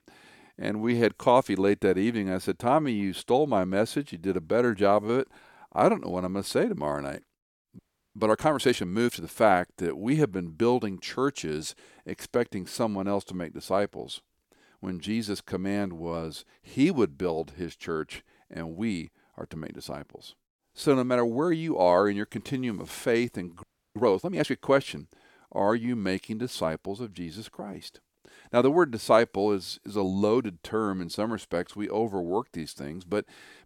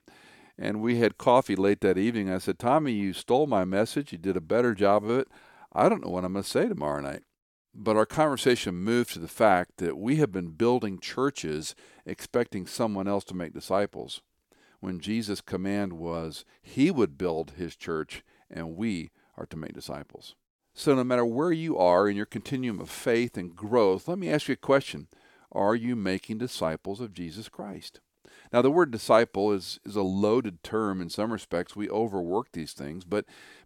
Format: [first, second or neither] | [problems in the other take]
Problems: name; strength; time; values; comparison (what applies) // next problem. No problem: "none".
second | audio freezing; at 8 s and at 24 s